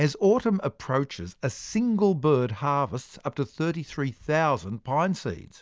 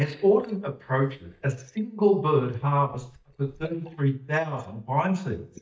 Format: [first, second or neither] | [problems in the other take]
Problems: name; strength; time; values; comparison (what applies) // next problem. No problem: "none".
first | noise reduction (neural mask model DeepFilterNet 3)